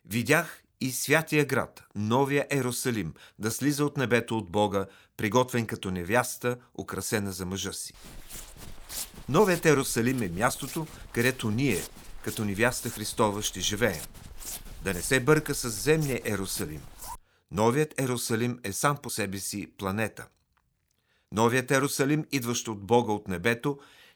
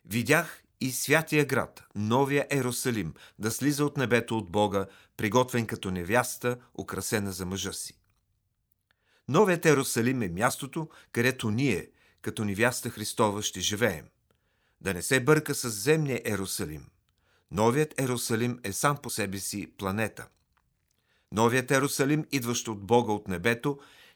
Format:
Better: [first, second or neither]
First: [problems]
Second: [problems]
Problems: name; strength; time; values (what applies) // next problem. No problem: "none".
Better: second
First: footsteps; noticeable; from 8 to 17 s; peak 8 dB below the speech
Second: none